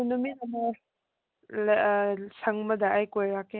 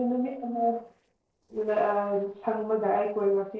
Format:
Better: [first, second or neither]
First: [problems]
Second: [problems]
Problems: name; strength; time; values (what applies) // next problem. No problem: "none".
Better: first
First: none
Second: noise reduction (neural separator model SepFormer DNS4)